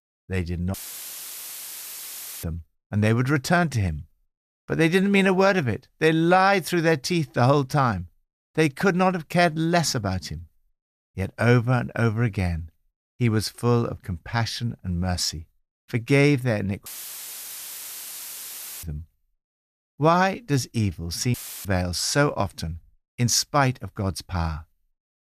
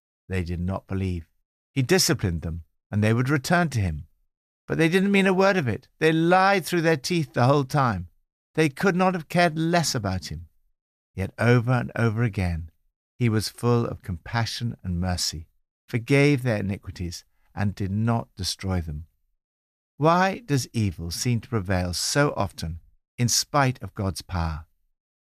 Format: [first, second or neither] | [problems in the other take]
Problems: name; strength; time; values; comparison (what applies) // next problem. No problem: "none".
second | audio cutting out; filled with static; at 0.5 s for 1.5 s, at 17 s for 2 s and at 21 s